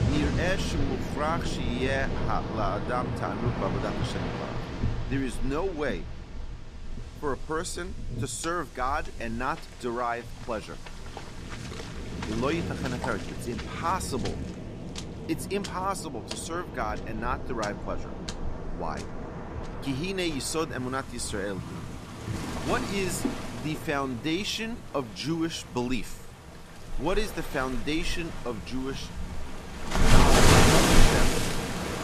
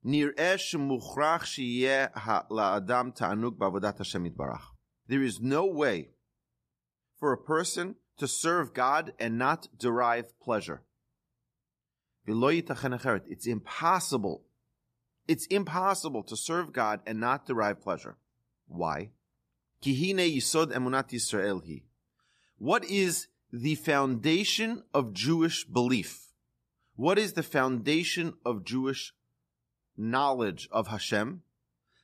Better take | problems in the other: second | rain or running water; very loud; throughout; 1 dB above the speech

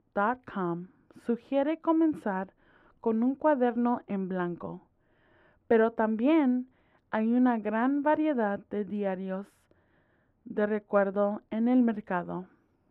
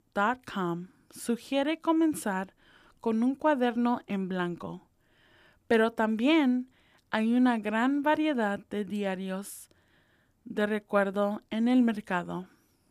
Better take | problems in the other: second | muffled; very; fading above 3.5 kHz

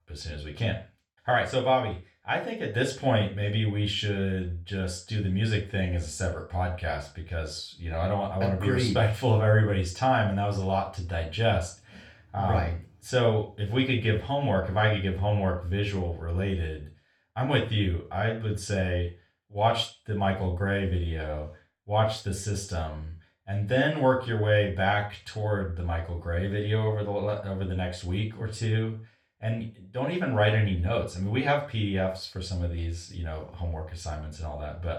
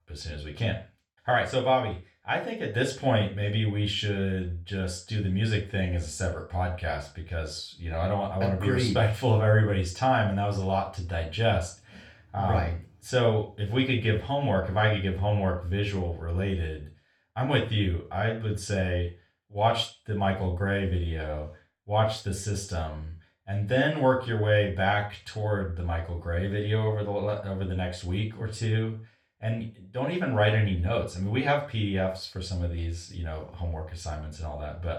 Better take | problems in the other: neither | room echo; slight; dies away in 0.3 s; the same in both // off-mic speech; far; the same in both

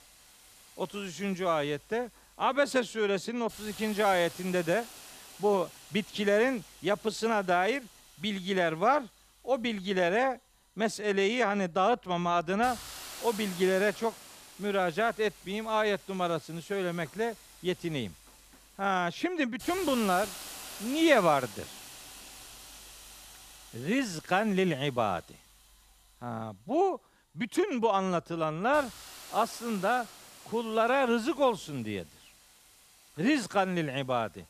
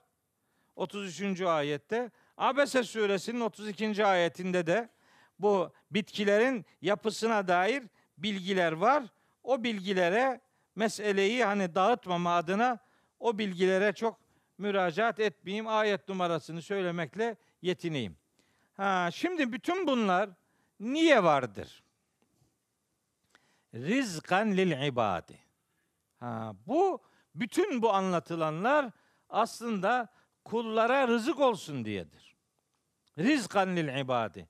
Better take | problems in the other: second | hiss; noticeable; throughout; 15 dB below the speech

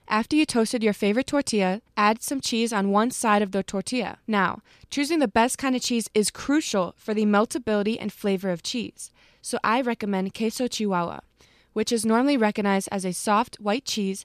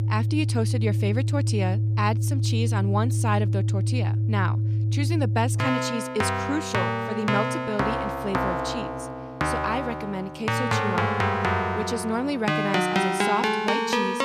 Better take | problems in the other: first | background music; very loud; throughout; 4 dB above the speech

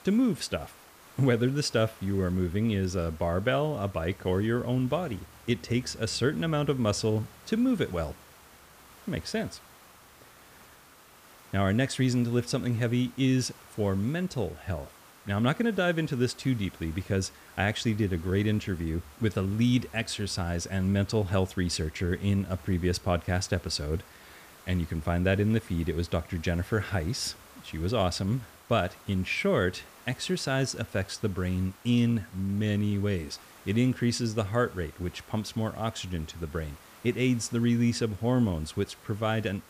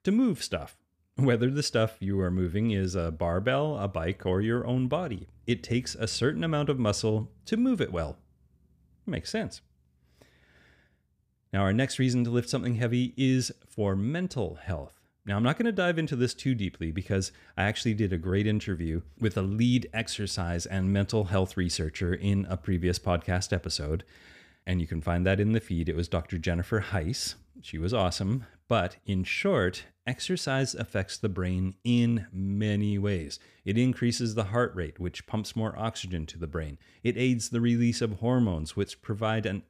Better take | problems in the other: second | hiss; faint; throughout; 25 dB below the speech

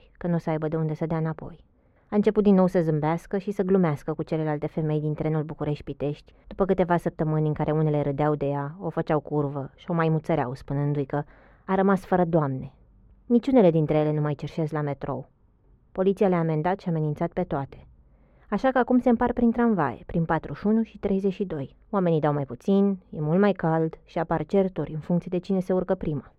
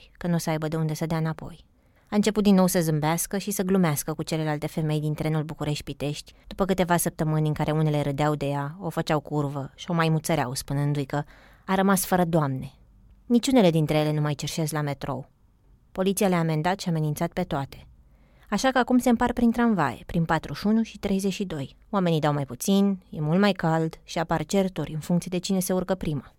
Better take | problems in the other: second | muffled; very; fading above 4 kHz

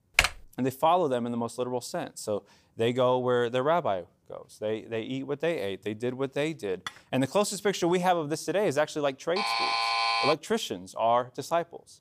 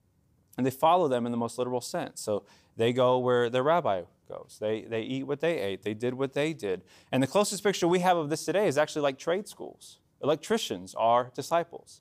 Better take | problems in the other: second | keyboard typing; loud; at the start; peak 4 dB above the speech // clattering dishes; faint; at 7 s; peak 15 dB below the speech // alarm; loud; at 9.5 s; peak 4 dB above the speech

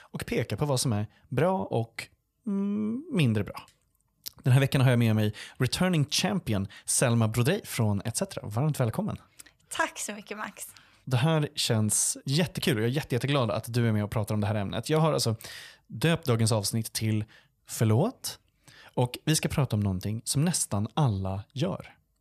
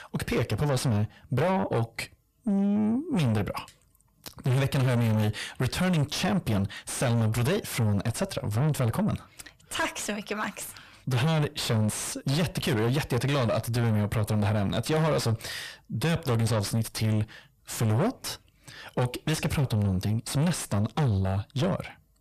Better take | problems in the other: first | distortion; heavy; 6 dB below the speech

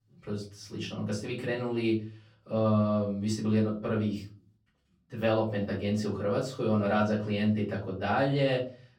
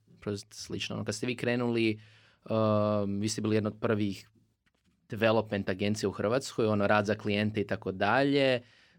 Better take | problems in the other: second | off-mic speech; far // room echo; slight; dies away in 0.3 s

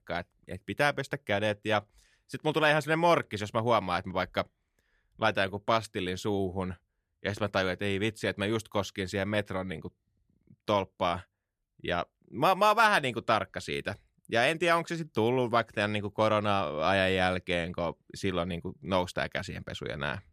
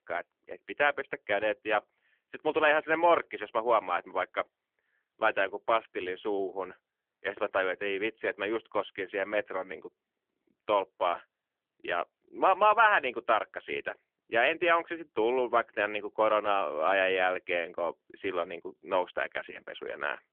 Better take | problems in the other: first | phone-call audio; nothing above 3 kHz

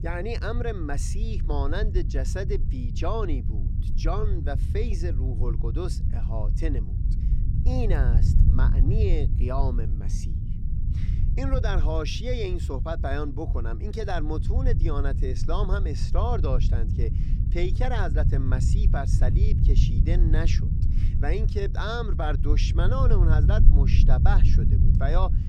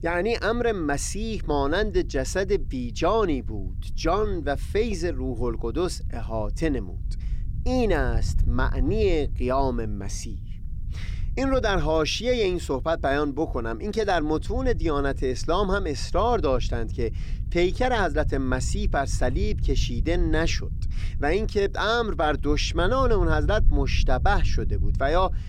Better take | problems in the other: second | low rumble; loud; throughout; 8 dB below the speech; faint in the second

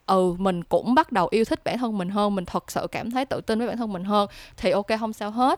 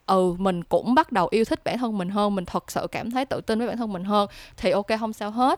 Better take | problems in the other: neither | none

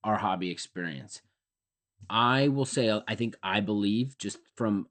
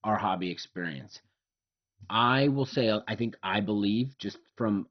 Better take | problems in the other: first | garbled, watery; badly; nothing above 6 kHz; slightly in the first

